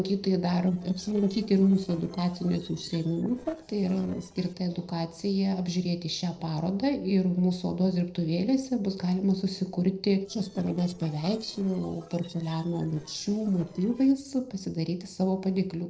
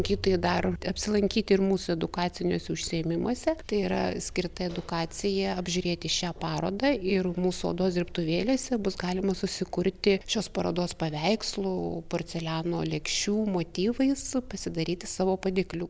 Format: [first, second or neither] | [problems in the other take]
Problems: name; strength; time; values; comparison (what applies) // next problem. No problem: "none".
second | noise reduction (neural separator model SepFormer DNS4)